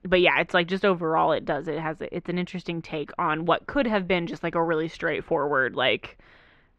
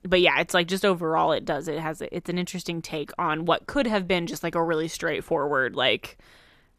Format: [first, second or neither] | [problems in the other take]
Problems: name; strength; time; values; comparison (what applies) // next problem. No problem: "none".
second | muffled; slightly; fading above 2.5 kHz